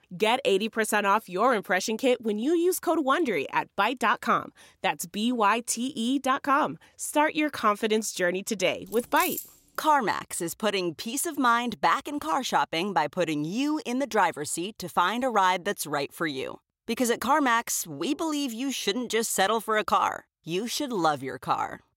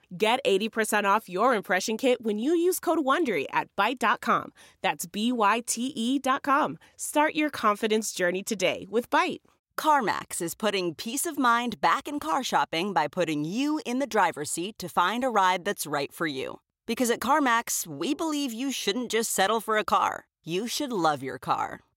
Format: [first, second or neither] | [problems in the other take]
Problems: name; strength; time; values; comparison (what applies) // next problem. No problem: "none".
second | jangling keys; noticeable; at 9 s; peak 6 dB below the speech